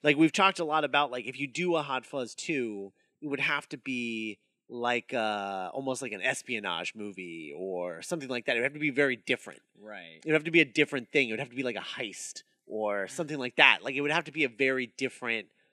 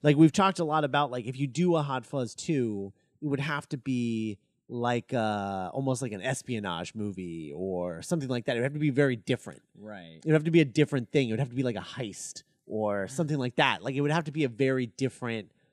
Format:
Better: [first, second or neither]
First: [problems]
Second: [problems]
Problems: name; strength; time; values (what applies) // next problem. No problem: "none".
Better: second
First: thin; somewhat; fading below 300 Hz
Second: none